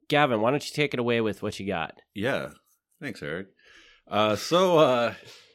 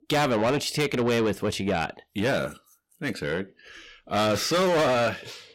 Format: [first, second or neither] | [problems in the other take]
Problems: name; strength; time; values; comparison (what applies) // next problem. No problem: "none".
first | distortion; heavy; 6 dB below the speech